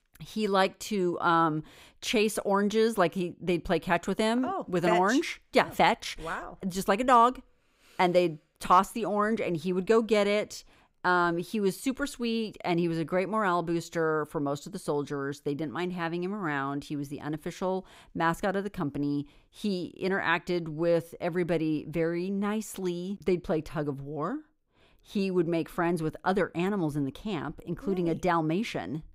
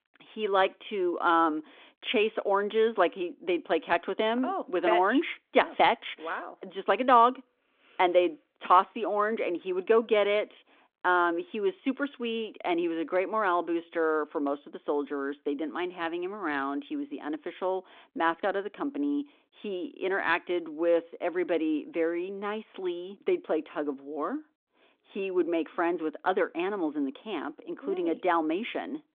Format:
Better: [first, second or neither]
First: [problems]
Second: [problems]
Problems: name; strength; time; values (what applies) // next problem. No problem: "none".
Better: first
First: none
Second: phone-call audio; nothing above 3.5 kHz